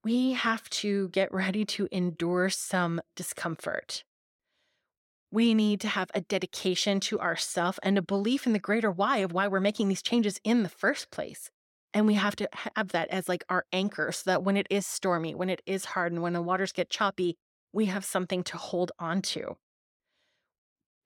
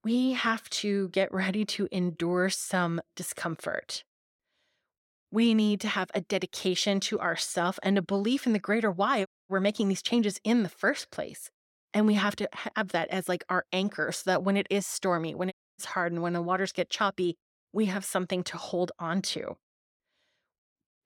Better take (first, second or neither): first